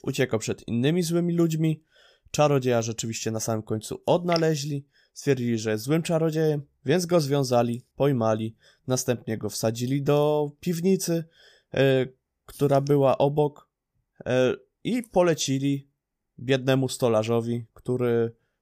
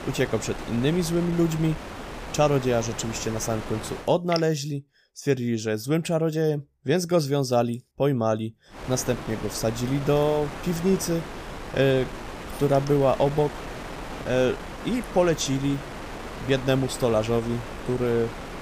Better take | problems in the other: first | wind noise on the microphone; occasional gusts; until 4 s and from 9 s on; 10 dB below the speech

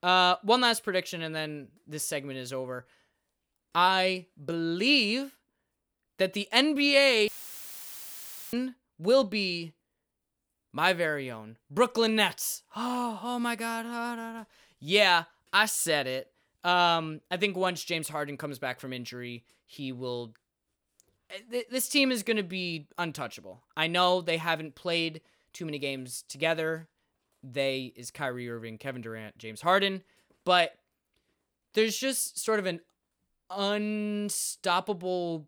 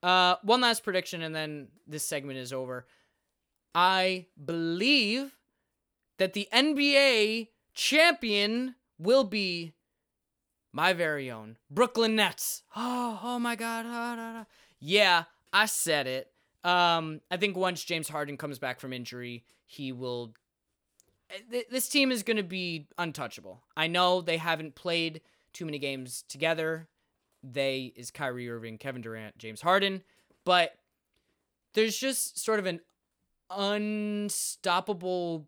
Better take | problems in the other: second | audio cutting out; filled with static; at 7.5 s for 1 s

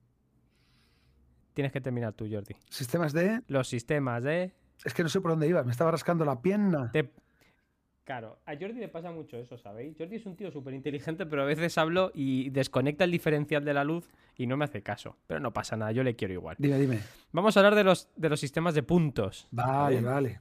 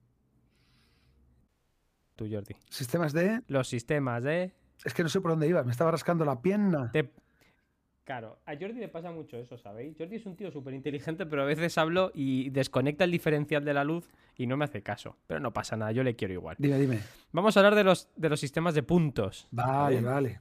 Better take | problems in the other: first | audio cutting out; at 1.5 s for 0.5 s

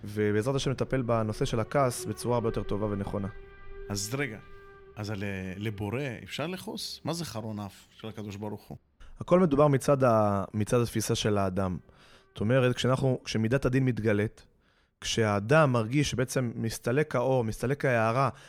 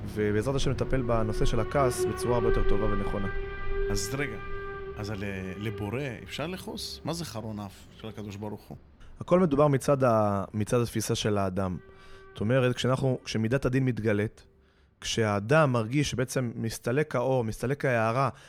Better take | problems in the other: first | alarms or sirens; loud; throughout; 7 dB below the speech; faint in the first

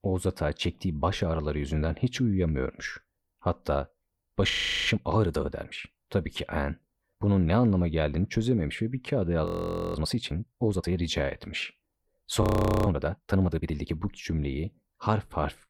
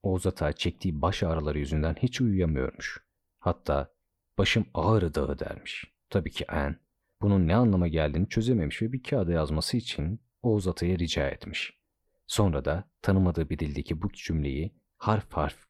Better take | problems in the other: second | audio freezing; at 4.5 s, at 9.5 s and at 12 s

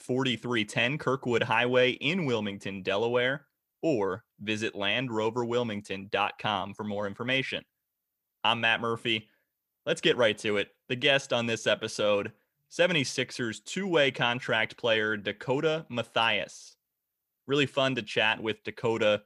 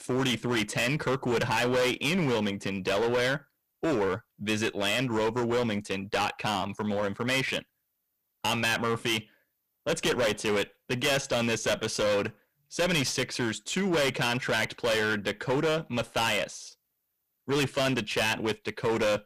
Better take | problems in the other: first | distortion; heavy; 19% of the sound clipped

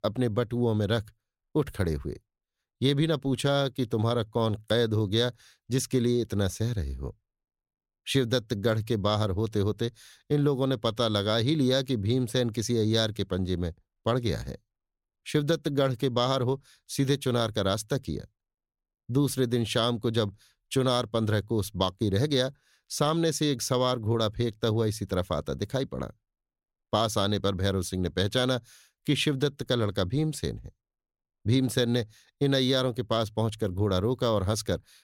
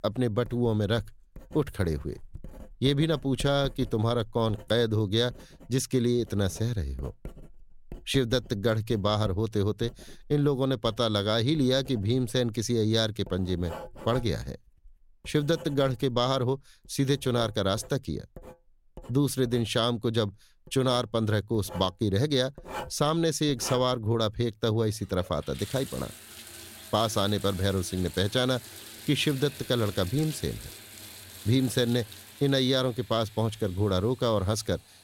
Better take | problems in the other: first | household noises; noticeable; throughout; 20 dB below the speech

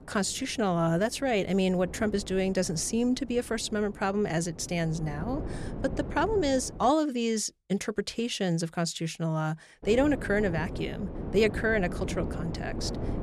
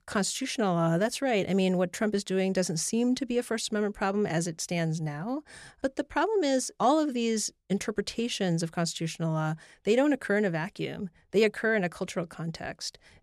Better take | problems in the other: second | wind noise on the microphone; occasional gusts; until 7 s and from 10 s on; 15 dB below the speech

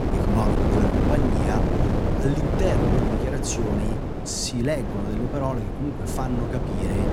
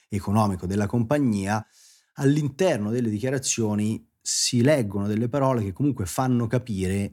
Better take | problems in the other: second | wind noise on the microphone; heavy; 2 dB above the speech

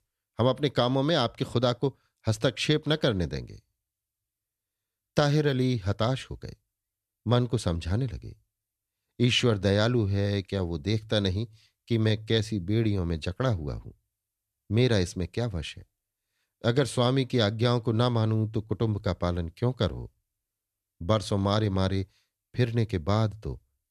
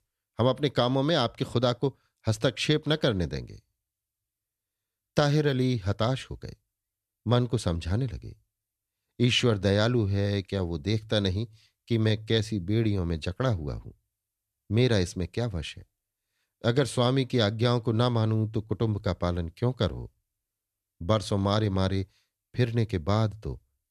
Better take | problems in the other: neither | none

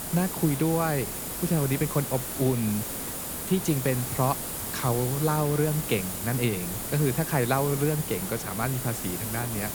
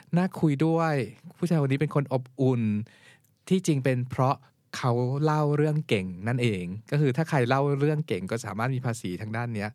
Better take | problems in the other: second | hiss; loud; throughout; 4 dB below the speech

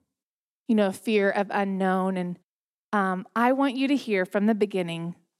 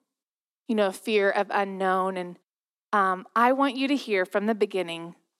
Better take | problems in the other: first | thin; very slightly; fading below 250 Hz

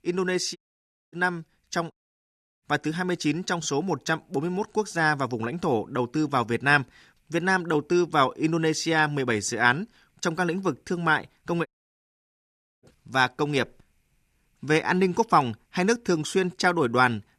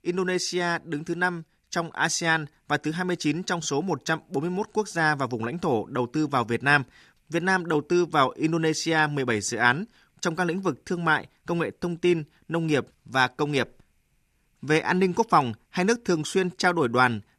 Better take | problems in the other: second | audio cutting out; at 0.5 s for 0.5 s, at 2 s for 0.5 s and at 12 s for 1 s

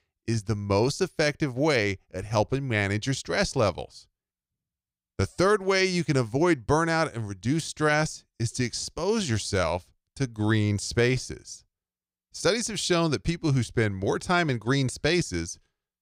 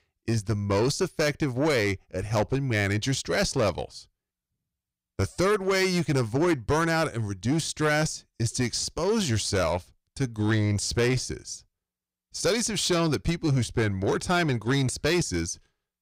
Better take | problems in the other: first | distortion; slight; 10 dB below the speech

